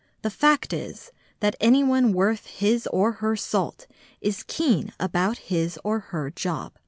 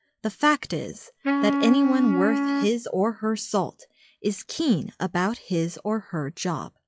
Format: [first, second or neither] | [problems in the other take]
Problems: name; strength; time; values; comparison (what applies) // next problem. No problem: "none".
first | noise reduction (classical method log-MMSE)